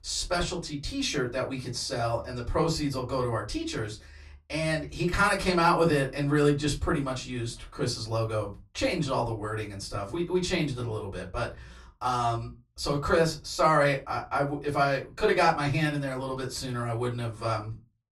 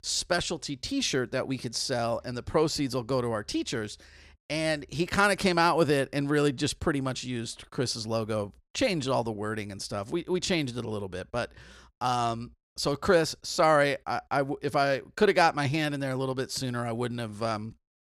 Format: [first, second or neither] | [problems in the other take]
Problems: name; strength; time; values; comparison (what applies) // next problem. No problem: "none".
second | off-mic speech; far // room echo; very slight; dies away in 0.2 s